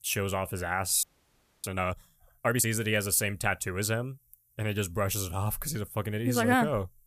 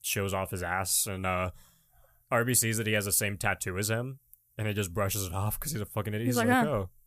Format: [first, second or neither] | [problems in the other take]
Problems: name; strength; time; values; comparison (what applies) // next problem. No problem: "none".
second | audio freezing; at 1 s for 0.5 s